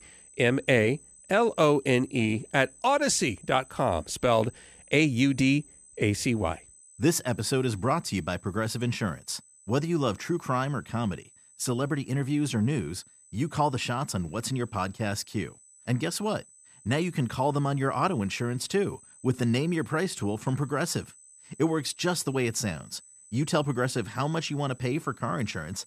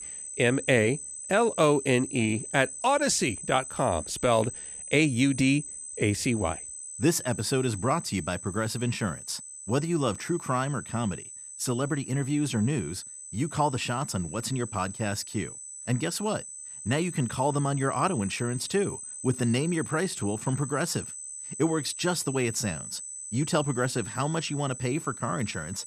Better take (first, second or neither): first